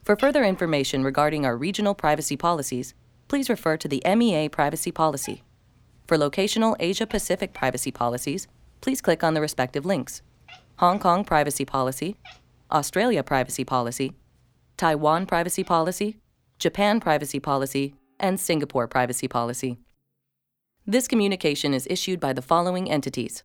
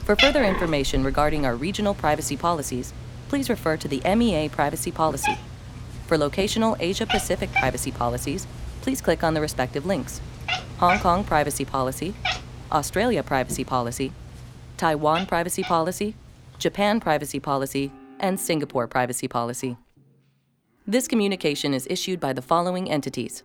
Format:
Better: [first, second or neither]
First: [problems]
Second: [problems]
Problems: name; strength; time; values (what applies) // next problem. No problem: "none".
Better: first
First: animal sounds; faint; throughout; 30 dB below the speech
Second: animal sounds; loud; throughout; 7 dB below the speech